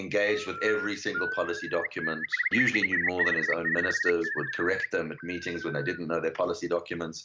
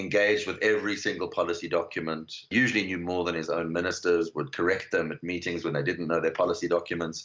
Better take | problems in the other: second | background sound (Bird); 2 dB below the speech

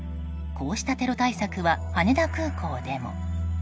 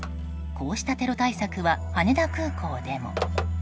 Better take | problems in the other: first | background sound (Telephone); 13 dB below the speech

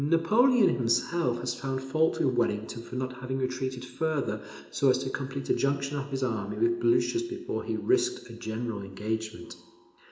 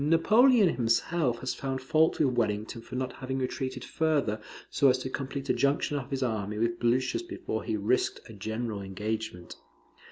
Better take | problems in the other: second | room echo; dies away in 0.8 s

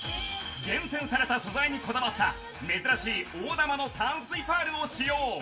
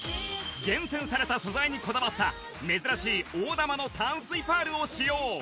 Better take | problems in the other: second | room echo; dies away in 0.4 s

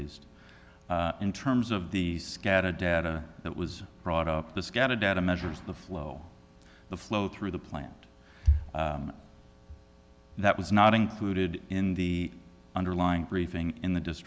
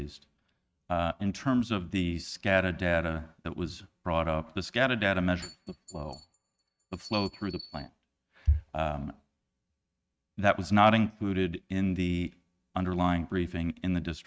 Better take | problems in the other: first | noise reduction (neural mask model RNNoise)

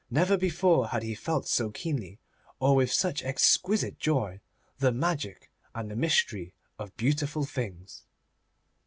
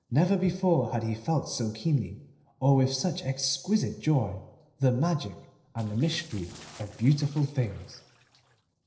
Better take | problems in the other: first | noise reduction (neural separator model SepFormer DNS4)

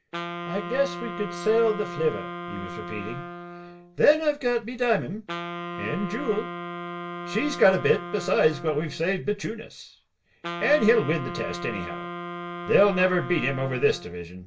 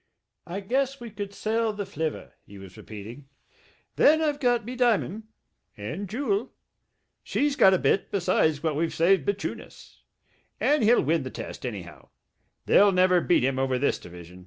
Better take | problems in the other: second | background sound (Wind instrument, woodwind instrument); 9 dB below the speech // room echo; dies away in 0.1 s

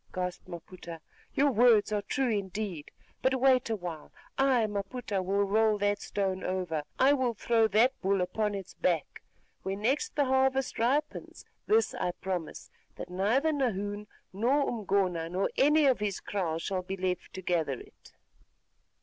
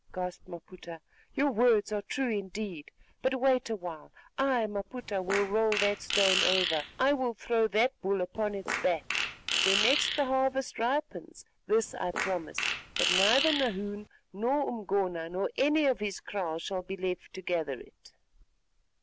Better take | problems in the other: first | background sound (Fart); 1 dB below the speech

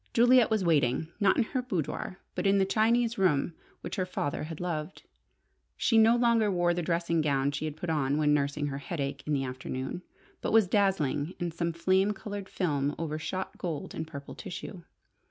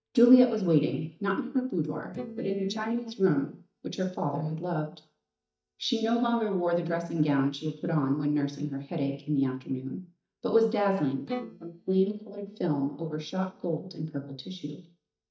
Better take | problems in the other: first | noise reduction (neural mask model DeepFilterNet 3)

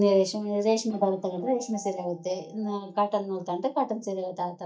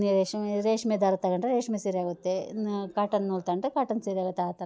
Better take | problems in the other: second | noise reduction (neural mask model DeepFilterNet 3)

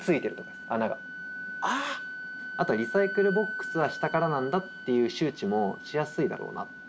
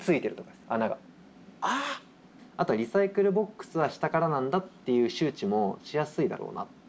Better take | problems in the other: second | background sound (Wind instrument, woodwind instrument); 10 dB below the speech

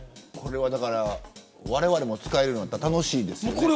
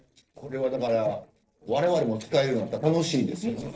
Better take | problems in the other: first | noise reduction (neural separator model SepFormer DNS4)

